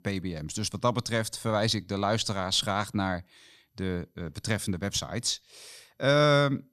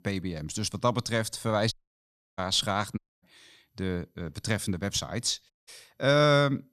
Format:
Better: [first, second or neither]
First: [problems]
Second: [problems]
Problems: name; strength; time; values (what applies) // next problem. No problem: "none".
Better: first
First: none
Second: audio cutting out; at 1.5 s for 0.5 s, at 3 s and at 5.5 s